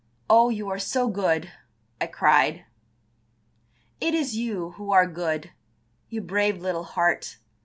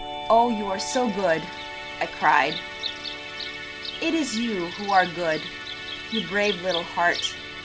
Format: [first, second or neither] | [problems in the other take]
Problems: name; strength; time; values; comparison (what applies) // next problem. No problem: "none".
first | background sound (Bird vocalization, bird call, bird song + Musical instrument); 8 dB below the speech